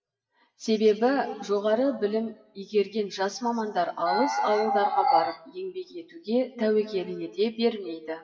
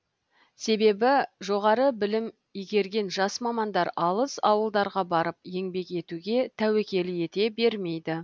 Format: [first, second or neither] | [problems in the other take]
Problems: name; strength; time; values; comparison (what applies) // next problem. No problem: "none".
second | noise reduction (classical method WPE with log-MMSE)